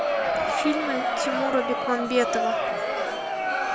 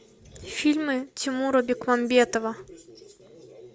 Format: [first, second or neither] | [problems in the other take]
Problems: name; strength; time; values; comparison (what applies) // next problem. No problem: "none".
second | background sound (Crowd); 3 dB above the speech